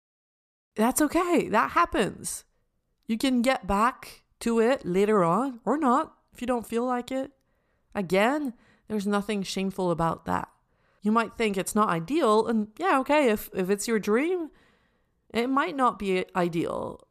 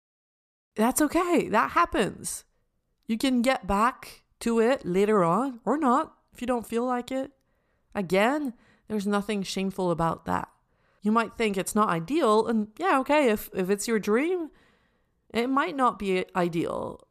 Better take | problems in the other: neither | none

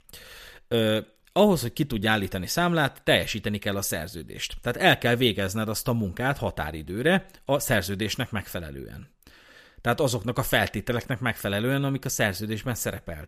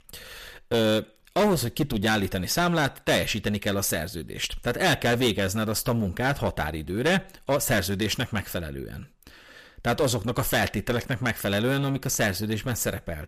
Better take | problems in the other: first | distortion; heavy; 9% of the sound clipped

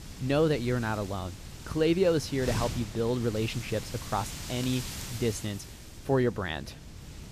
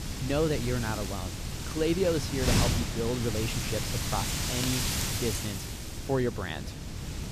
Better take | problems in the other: first | wind noise on the microphone; heavy; 1 dB below the speech; occasional gusts in the first

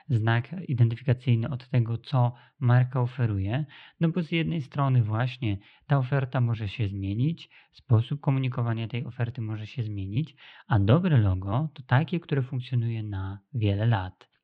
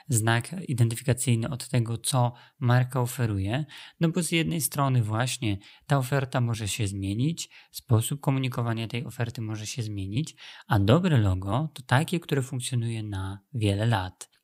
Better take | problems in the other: second | muffled; very; fading above 3 kHz

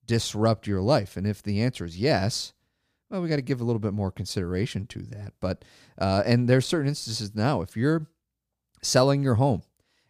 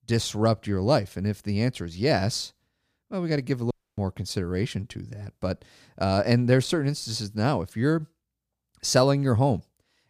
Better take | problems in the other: first | audio cutting out; at 3.5 s

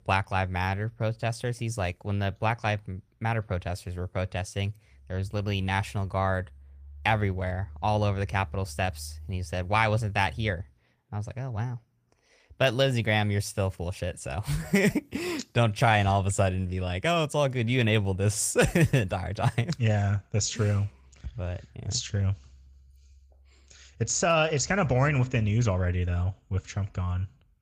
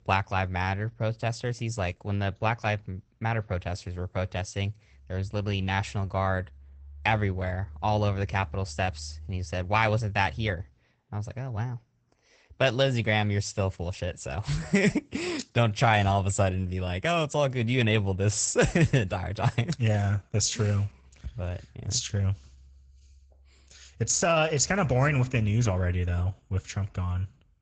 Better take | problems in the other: first | garbled, watery; badly; nothing above 8 kHz; slightly in the first

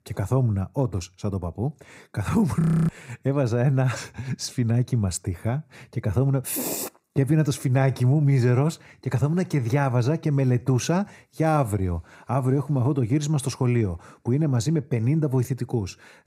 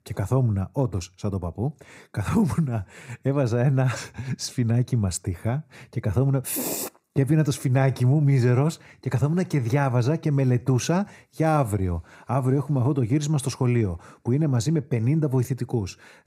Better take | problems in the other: second | audio freezing; at 2.5 s

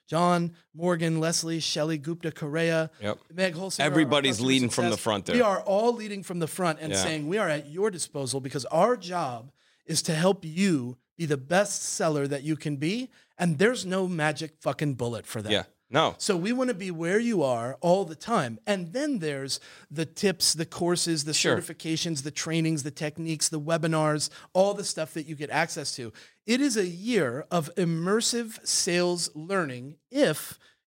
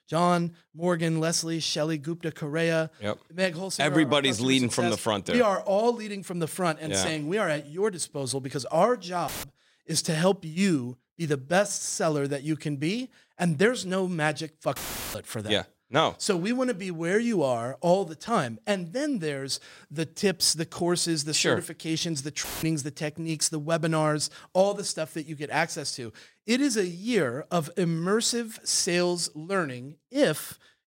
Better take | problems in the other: first | audio cutting out; filled with static; at 9.5 s, at 15 s and at 22 s

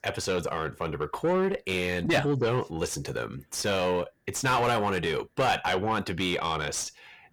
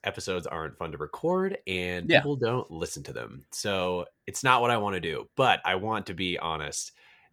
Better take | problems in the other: second | distortion; heavy; 6 dB below the speech

